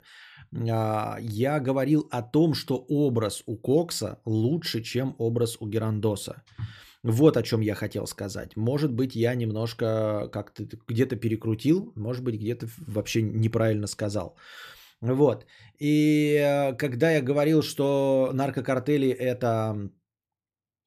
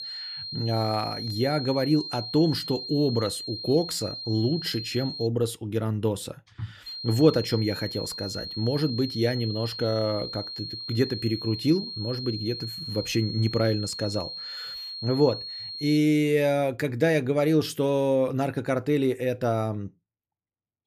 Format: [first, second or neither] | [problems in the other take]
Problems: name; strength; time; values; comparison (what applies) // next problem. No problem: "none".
first | high-pitched whine; loud; until 5.5 s and from 7 to 16 s; 4 kHz, 8 dB below the speech